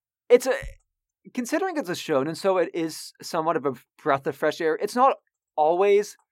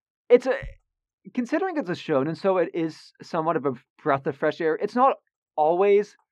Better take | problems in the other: first | muffled; slightly; fading above 3.5 kHz

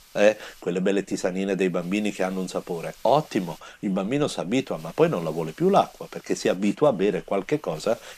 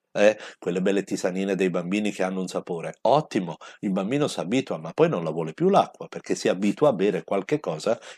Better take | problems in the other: second | hiss; faint; throughout; 25 dB below the speech

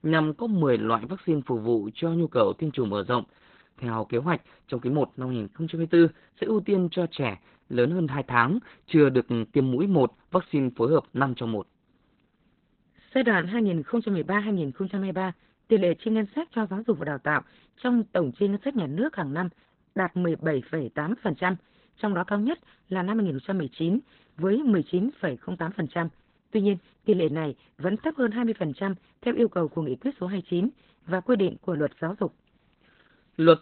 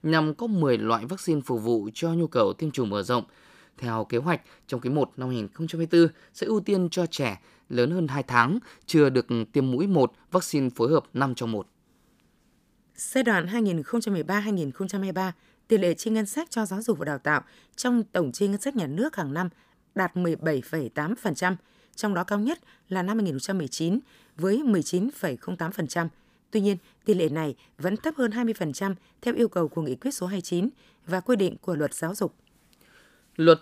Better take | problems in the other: second | garbled, watery; badly; nothing above 4 kHz

